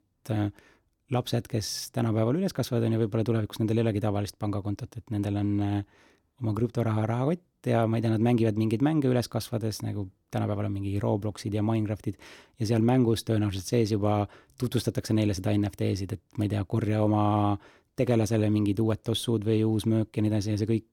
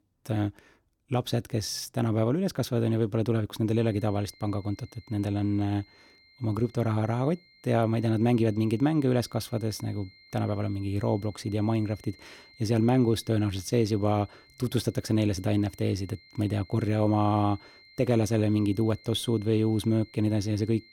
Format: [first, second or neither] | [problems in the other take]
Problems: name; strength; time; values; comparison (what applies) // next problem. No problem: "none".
first | high-pitched whine; faint; from 4 s on; 2 kHz, 25 dB below the speech